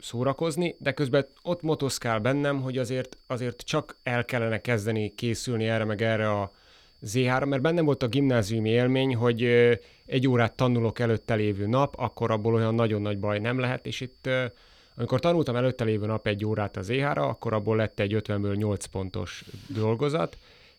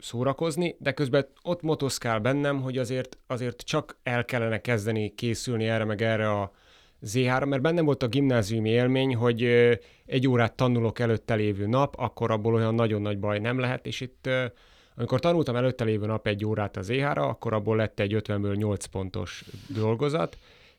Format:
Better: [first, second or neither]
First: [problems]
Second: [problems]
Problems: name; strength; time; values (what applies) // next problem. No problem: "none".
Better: second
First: high-pitched whine; faint; throughout; 4.5 kHz, 35 dB below the speech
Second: none